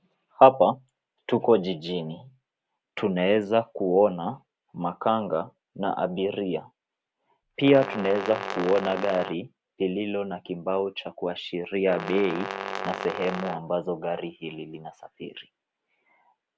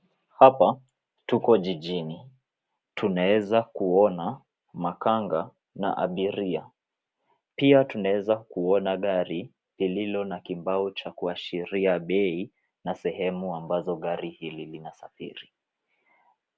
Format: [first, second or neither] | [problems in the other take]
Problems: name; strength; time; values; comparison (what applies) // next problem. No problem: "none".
second | background sound (Brass instrument); 8 dB below the speech